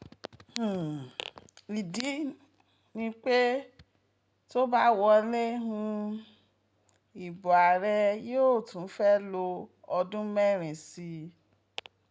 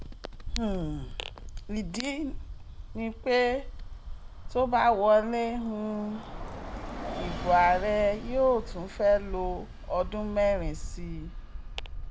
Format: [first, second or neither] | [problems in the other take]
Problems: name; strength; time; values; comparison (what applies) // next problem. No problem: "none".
first | background sound (Bus); 8 dB below the speech